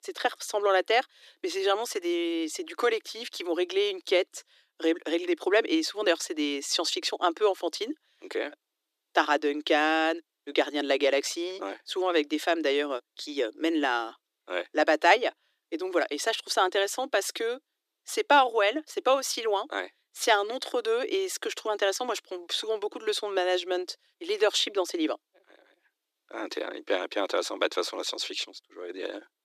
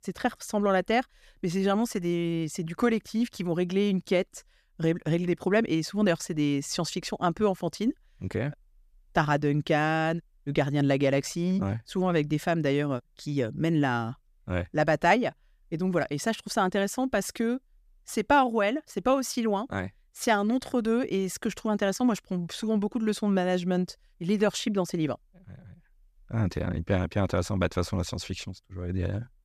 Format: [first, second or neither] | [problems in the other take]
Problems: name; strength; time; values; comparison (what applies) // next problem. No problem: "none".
second | thin; very; fading below 300 Hz